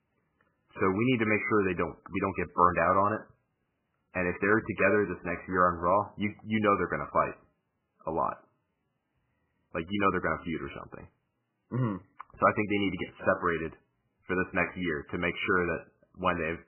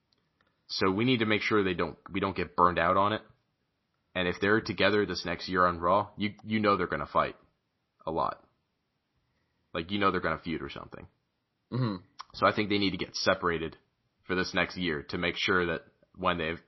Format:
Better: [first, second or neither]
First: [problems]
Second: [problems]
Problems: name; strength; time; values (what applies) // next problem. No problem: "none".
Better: second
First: garbled, watery; badly; nothing above 3 kHz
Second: garbled, watery; slightly; nothing above 5.5 kHz